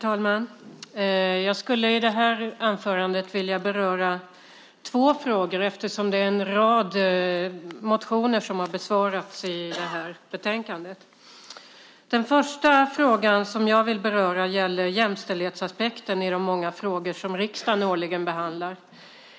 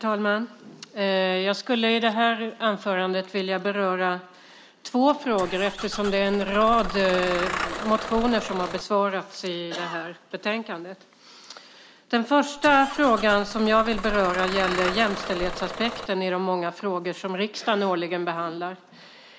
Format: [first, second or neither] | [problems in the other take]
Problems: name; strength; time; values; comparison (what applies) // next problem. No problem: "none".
first | background sound (Engine starting / Bus); 7 dB below the speech